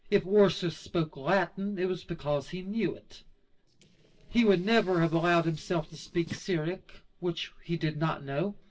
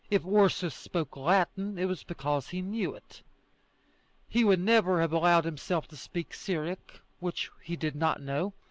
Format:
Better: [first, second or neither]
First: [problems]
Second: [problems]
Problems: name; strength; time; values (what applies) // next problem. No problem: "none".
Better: second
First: noise reduction (neural separator model SepFormer DNS4)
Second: none